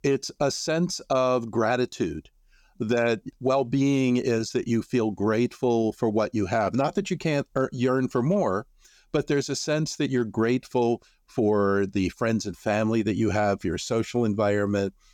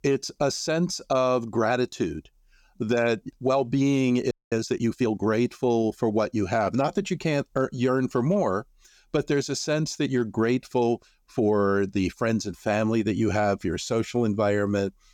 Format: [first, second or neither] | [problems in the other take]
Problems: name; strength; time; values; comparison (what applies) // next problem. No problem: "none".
first | audio freezing; at 4.5 s